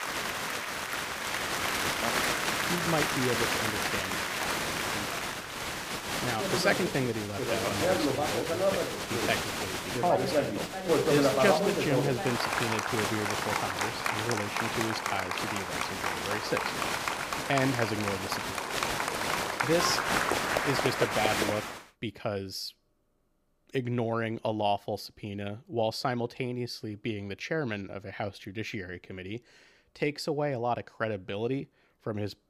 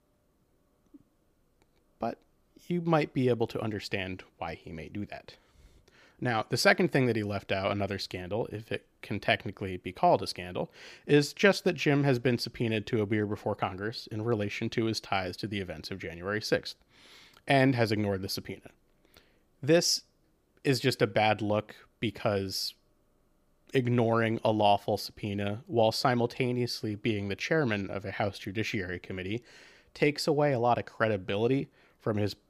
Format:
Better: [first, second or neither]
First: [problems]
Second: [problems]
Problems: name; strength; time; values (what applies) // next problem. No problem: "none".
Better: second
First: crowd noise; very loud; until 22 s; 3 dB above the speech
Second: none